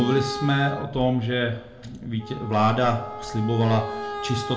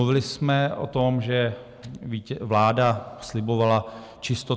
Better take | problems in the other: second | background sound (Wind instrument, woodwind instrument); 10 dB below the speech // room echo; dies away in 0.4 s

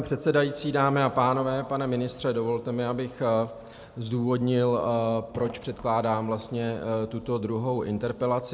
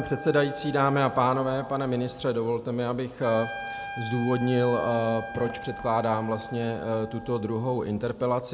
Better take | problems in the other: first | background sound (Trumpet); 13 dB below the speech

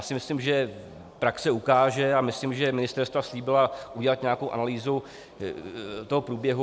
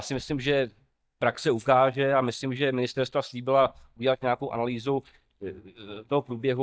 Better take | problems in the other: first | noise reduction (neural mask model DeepFilterNet 3)

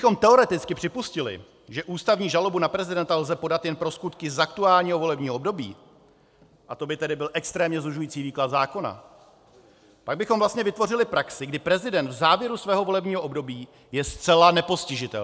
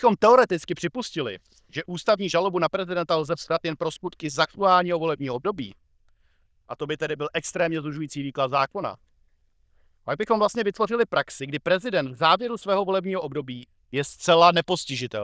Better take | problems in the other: first | noise reduction (neural diffusion model UNIVERSE++)

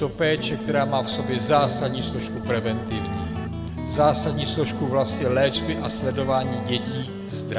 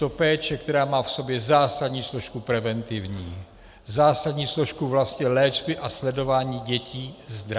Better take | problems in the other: second | background sound (Organ + Guitar); 4 dB below the speech

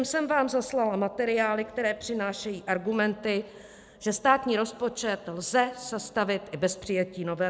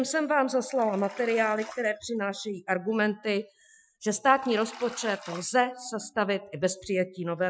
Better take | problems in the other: first | noise reduction (classical method Wiener filter)

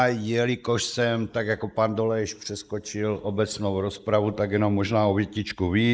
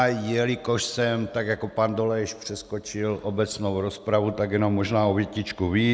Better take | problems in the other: second | noise reduction (neural mask model Resemble Enhance denoiser)

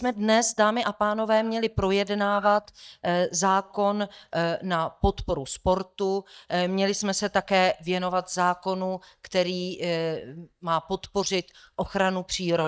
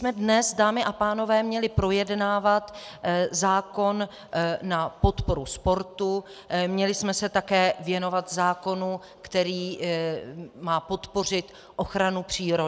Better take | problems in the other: second | noise reduction (neural mask model DeepFilterNet 3)

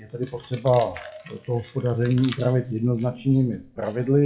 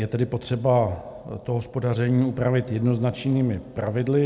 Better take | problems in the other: second | noise reduction (classical method WPE with log-MMSE)

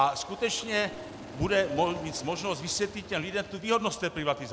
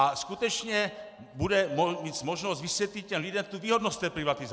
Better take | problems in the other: second | background sound (Aircraft + Raindrop / Drip); 15 dB below the speech

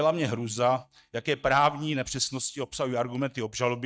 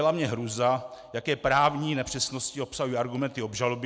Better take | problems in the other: second | noise reduction (neural mask model DeepFilterNet 3)

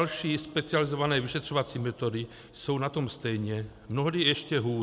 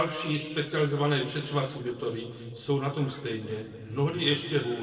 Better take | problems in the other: first | noise reduction (neural separator model SepFormer DNS4)

